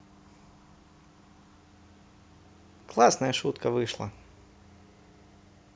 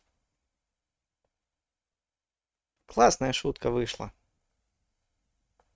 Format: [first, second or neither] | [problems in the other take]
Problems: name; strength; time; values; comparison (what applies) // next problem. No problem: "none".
first | noise reduction (neural mask model RNNoise)